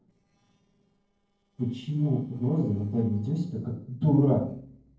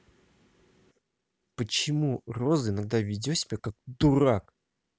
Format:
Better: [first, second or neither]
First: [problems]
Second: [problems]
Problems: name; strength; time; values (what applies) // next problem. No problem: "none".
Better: second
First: noise reduction (neural separator model SepFormer DNS4)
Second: none